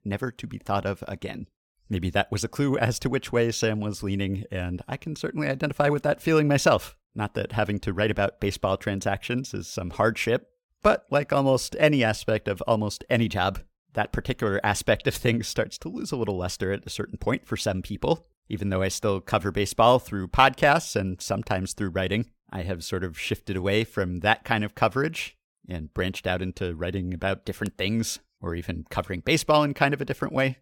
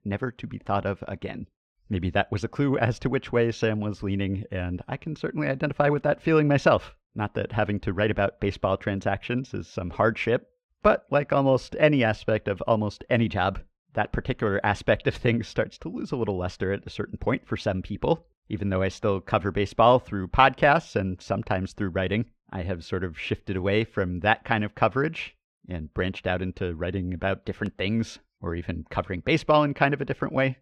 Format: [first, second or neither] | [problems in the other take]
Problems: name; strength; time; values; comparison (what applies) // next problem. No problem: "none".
first | muffled; slightly; fading above 3 kHz